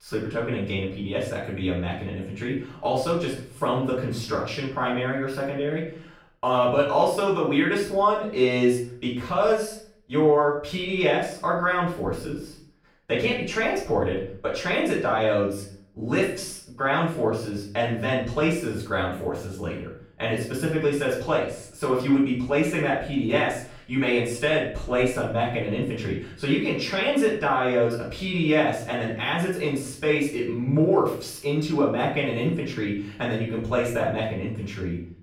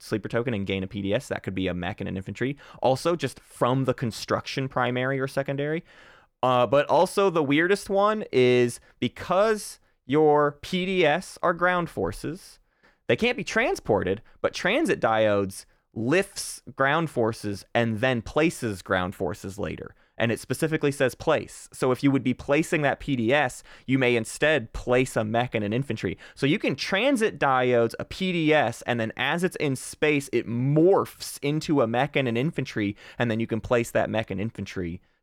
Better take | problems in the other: second | off-mic speech; far // room echo; noticeable; dies away in 0.5 s

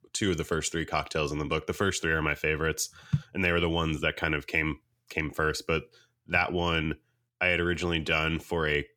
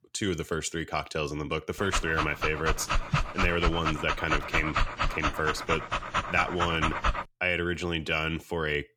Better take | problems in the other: first | dog barking; loud; from 2 to 7 s; peak 2 dB above the speech

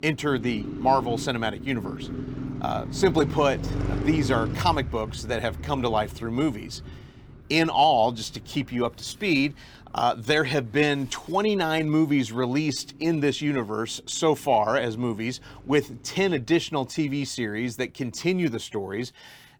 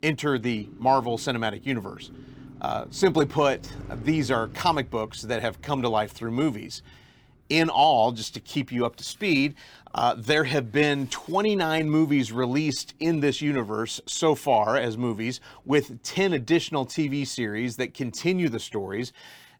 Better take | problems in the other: second | traffic noise; loud; throughout; 9 dB below the speech; faint in the second

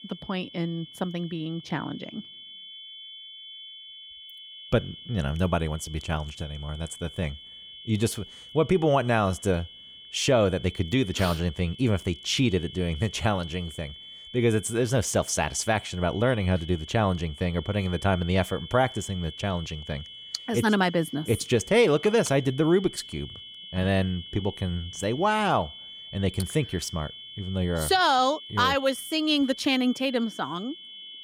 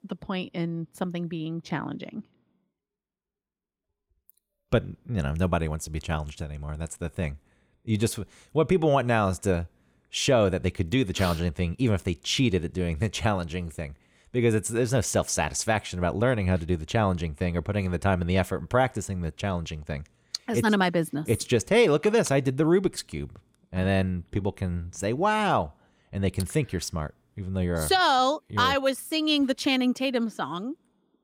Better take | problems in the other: second | high-pitched whine; noticeable; throughout; 3 kHz, 15 dB below the speech

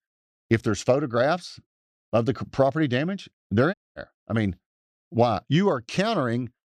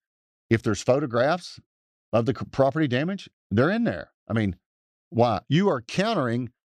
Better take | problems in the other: second | audio cutting out; at 3.5 s

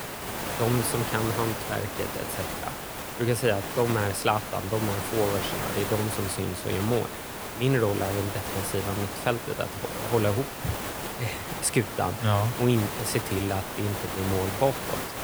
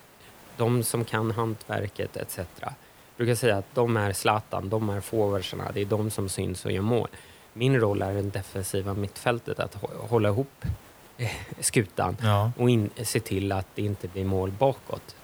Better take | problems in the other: second | hiss; loud; throughout; 4 dB below the speech; faint in the second

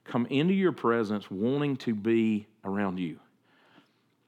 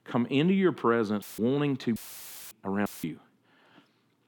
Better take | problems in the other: first | audio cutting out; filled with static; at 1 s, at 2 s for 0.5 s and at 3 s

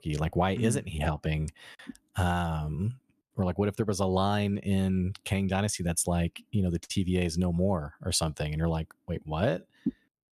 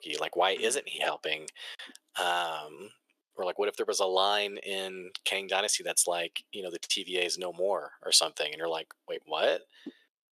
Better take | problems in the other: first | thin; very; fading below 450 Hz

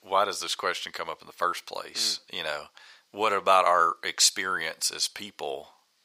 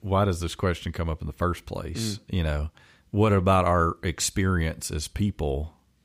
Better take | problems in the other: second | thin; very; fading below 800 Hz

